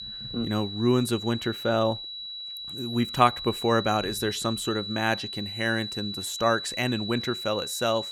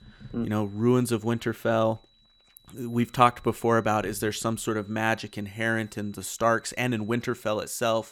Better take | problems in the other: second | high-pitched whine; loud; throughout; 4 kHz, 7 dB below the speech; faint in the second

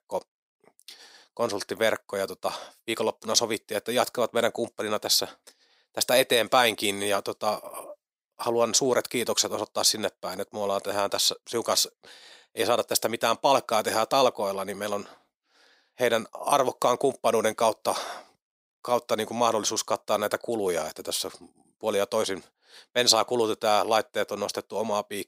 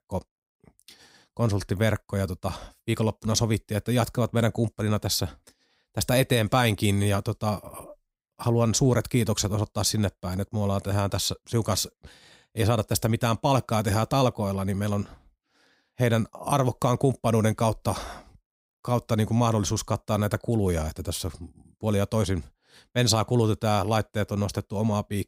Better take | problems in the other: second | thin; very; fading below 500 Hz

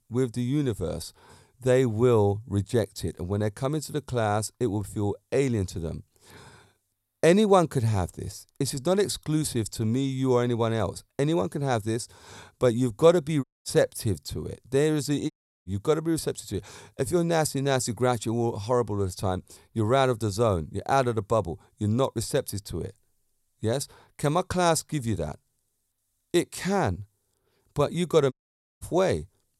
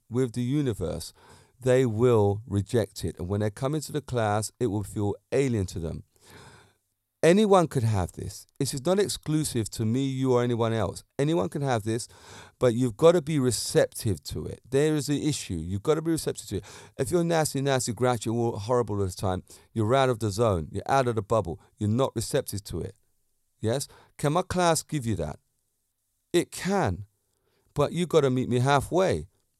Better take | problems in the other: second | audio cutting out; at 13 s, at 15 s and at 28 s

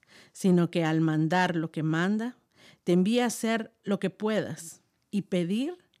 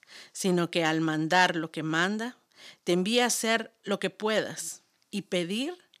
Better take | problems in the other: first | thin; somewhat; fading below 1 kHz

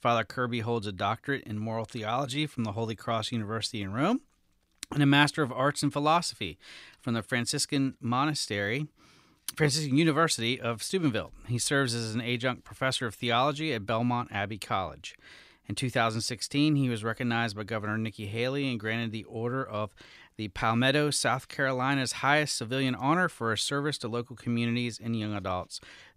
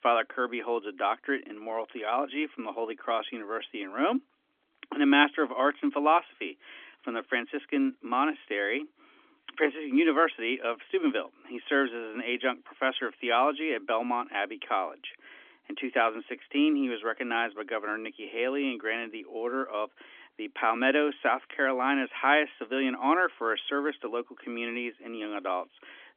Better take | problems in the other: first | phone-call audio; nothing above 3.5 kHz

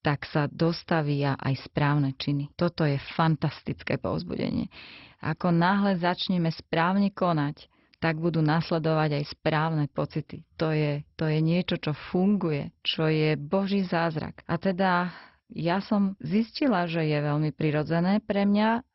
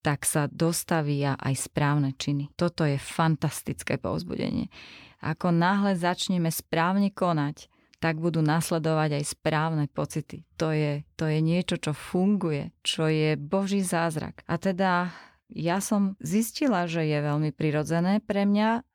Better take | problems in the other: second | garbled, watery; badly; nothing above 5.5 kHz

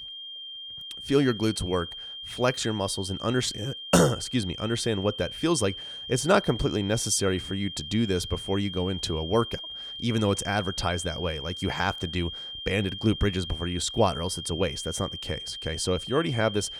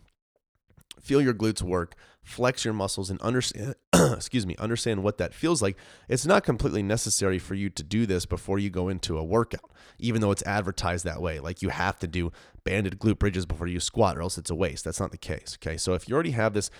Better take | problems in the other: second | high-pitched whine; loud; throughout; 3 kHz, 8 dB below the speech

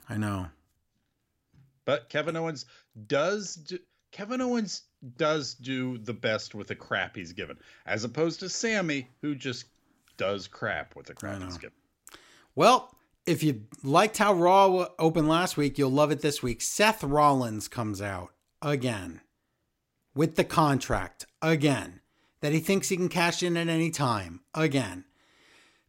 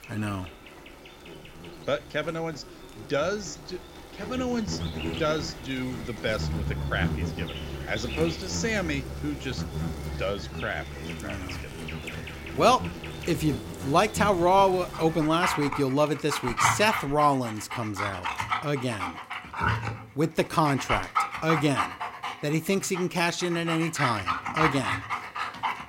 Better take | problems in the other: first | animal sounds; loud; throughout; 5 dB below the speech

